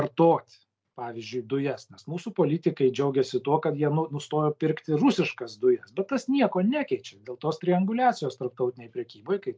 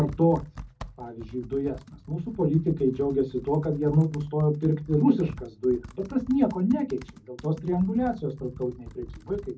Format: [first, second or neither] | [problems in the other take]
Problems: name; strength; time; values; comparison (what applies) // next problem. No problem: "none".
first | background sound (Computer keyboard); 18 dB below the speech // room echo; dies away in 0.4 s